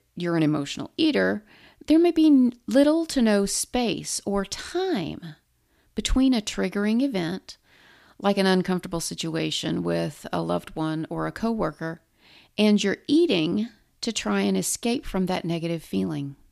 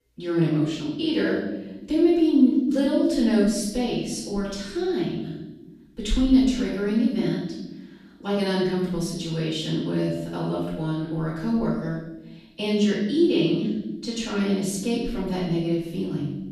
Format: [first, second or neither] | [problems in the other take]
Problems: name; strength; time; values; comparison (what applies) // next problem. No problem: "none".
first | off-mic speech; far // room echo; noticeable; dies away in 1.1 s